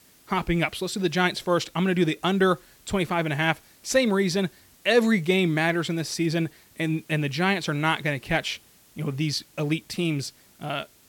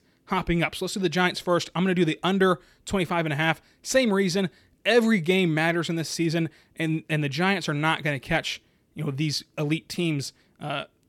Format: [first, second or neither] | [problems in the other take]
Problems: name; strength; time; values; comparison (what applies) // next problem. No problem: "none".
second | hiss; faint; throughout; 30 dB below the speech